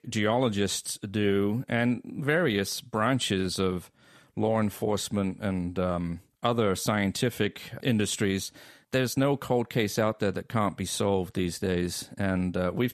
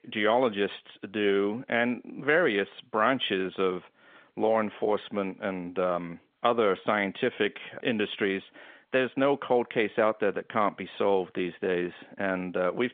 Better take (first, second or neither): first